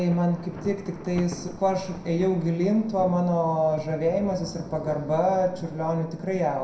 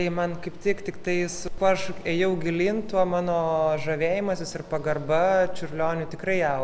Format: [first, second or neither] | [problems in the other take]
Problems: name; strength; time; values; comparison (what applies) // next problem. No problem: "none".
second | background sound (Thunder); 17 dB below the speech // room echo; dies away in 0.5 s